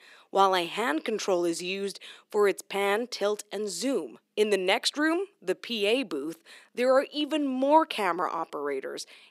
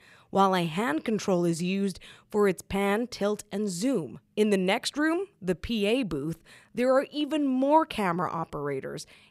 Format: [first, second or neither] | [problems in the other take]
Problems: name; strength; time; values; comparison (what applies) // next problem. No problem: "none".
second | thin; very slightly; fading below 300 Hz